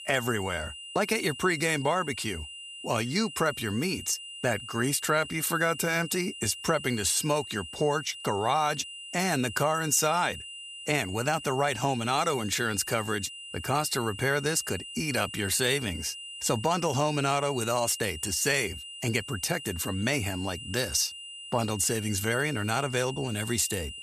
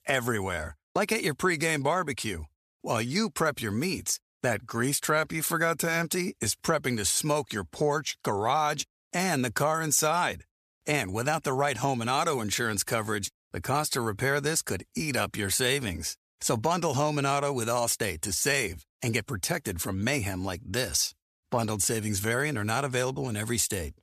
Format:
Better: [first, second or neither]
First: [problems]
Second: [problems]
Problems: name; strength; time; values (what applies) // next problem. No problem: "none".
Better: second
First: high-pitched whine; noticeable; throughout; 3 kHz, 10 dB below the speech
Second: none